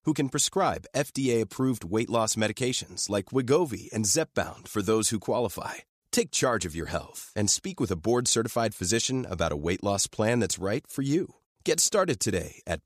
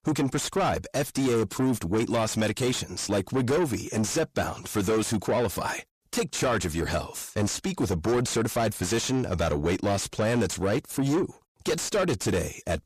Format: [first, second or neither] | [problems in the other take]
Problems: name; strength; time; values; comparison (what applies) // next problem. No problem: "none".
first | distortion; heavy; 6 dB below the speech